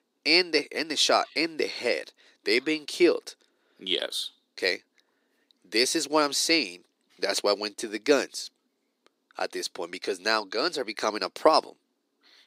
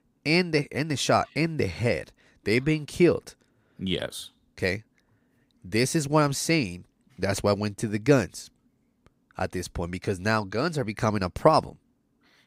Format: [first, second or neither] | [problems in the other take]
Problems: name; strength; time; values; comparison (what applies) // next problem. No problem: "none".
second | thin; somewhat; fading below 350 Hz